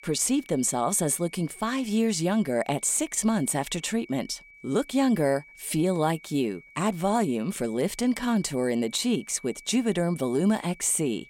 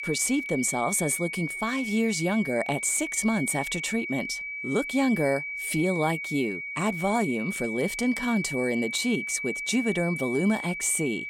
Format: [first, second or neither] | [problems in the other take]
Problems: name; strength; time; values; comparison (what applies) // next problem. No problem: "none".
first | high-pitched whine; loud; throughout; 2.5 kHz, 5 dB below the speech; faint in the first